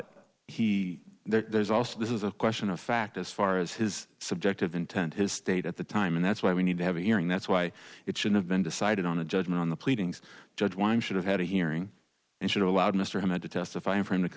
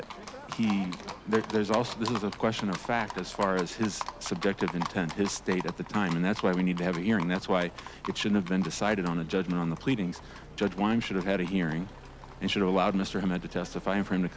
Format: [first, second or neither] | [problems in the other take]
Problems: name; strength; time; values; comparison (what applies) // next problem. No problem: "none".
first | background sound (Livestock, farm animals, working animals); 12 dB below the speech